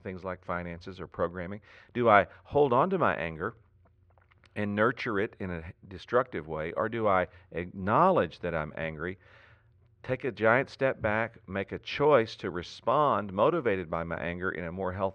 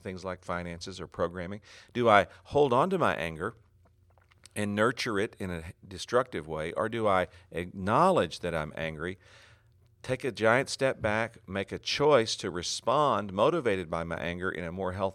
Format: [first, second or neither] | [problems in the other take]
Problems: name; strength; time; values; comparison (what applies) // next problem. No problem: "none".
second | muffled; slightly; fading above 2 kHz